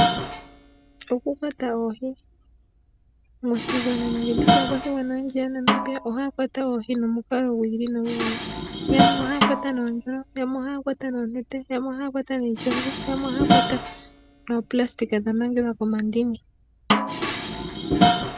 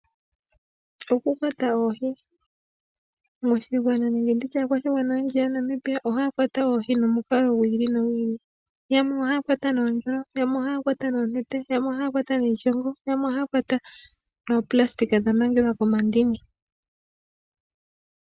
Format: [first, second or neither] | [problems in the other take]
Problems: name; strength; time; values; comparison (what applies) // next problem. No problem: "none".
second | background sound (Snare drum + Dishes, pots, and pans); as loud as the speech